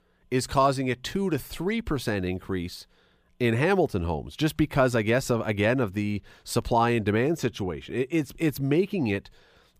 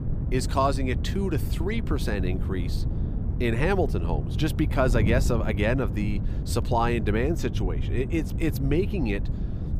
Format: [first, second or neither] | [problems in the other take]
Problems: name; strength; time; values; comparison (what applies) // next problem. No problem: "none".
first | wind noise on the microphone; occasional gusts; 10 dB below the speech